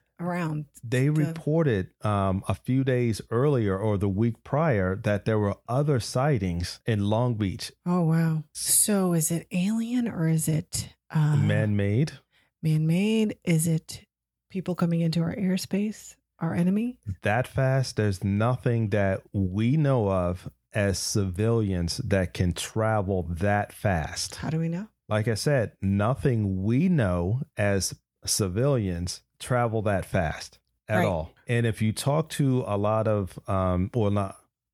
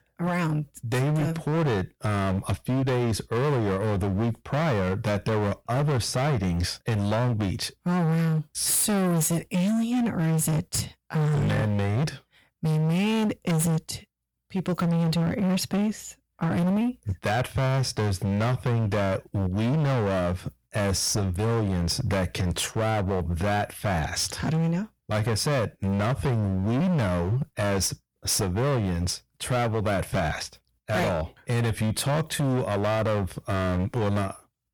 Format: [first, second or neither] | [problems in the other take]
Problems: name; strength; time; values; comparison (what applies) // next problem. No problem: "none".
first | distortion; heavy; 28% of the sound clipped